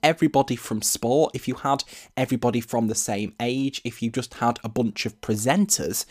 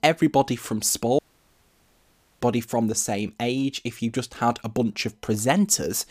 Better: first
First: none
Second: audio cutting out; at 1 s for 1 s

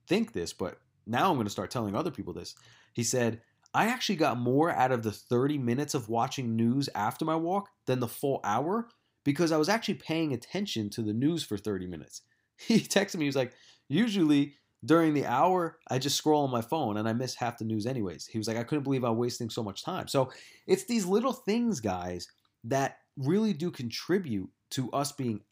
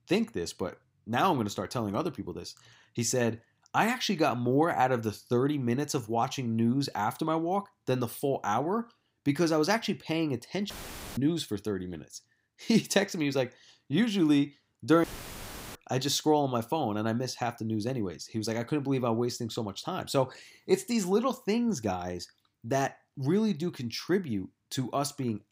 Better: first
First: none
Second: audio cutting out; filled with static; at 11 s and at 15 s for 0.5 s

